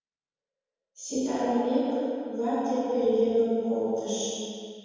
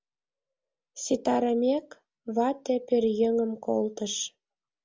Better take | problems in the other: second | room echo; dies away in 2.1 s

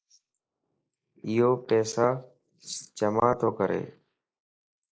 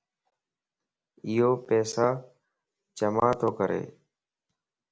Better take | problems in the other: second | noise reduction (neural mask model Resemble Enhance denoiser)

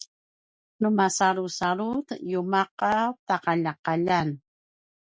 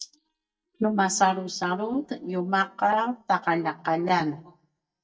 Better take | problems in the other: first | noise reduction (neural mask model DeepFilterNet 3)

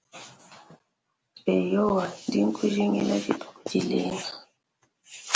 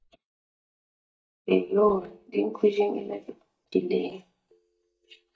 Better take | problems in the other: first | noise reduction (neural mask model DeepFilterNet 3)

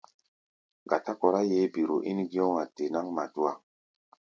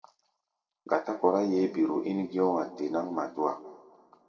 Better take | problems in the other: first | room echo; dies away in 1.8 s

